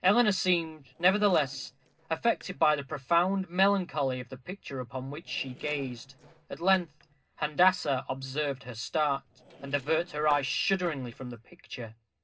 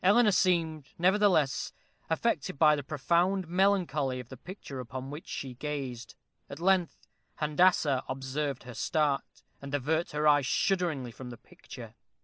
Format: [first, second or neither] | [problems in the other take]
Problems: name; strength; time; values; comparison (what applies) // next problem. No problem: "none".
second | noise reduction (neural separator model SepFormer DNS4)